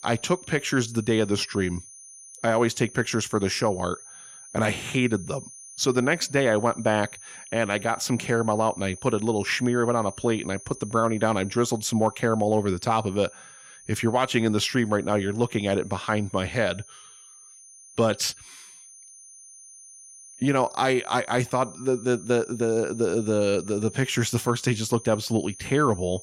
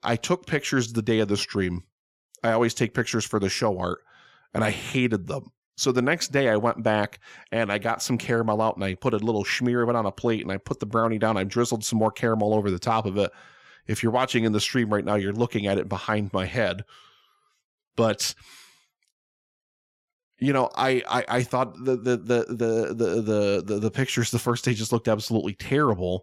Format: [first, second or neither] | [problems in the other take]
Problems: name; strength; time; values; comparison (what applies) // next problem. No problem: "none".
second | high-pitched whine; noticeable; throughout; 6 kHz, 20 dB below the speech